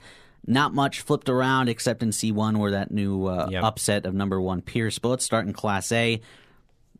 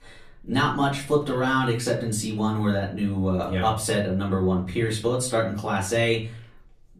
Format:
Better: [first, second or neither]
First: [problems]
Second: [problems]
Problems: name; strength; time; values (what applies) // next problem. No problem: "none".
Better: first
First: none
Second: off-mic speech; far // room echo; slight; dies away in 0.3 s